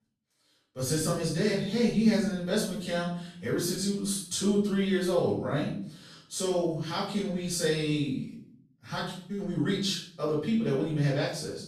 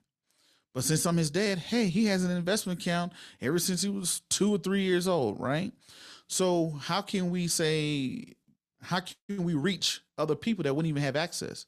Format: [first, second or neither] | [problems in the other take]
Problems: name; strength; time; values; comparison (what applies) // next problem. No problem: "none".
second | off-mic speech; far // room echo; noticeable; dies away in 0.5 s